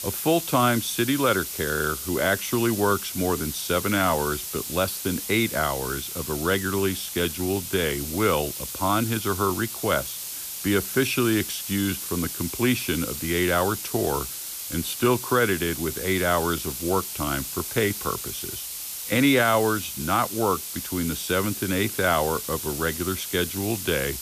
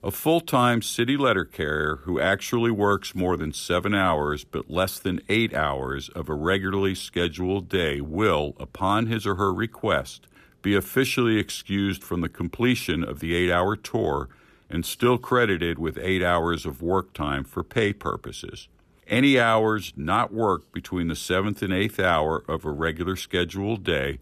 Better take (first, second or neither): second